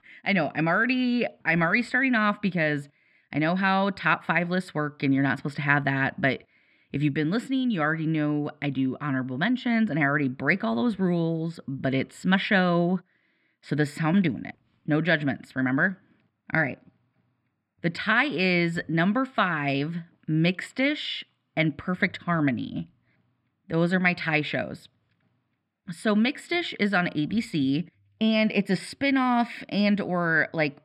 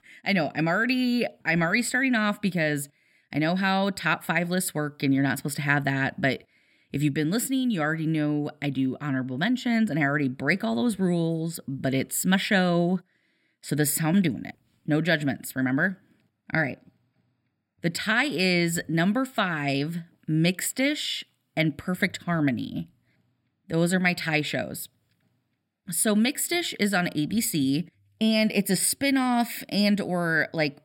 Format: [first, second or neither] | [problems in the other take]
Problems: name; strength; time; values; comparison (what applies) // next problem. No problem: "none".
second | muffled; slightly; fading above 3 kHz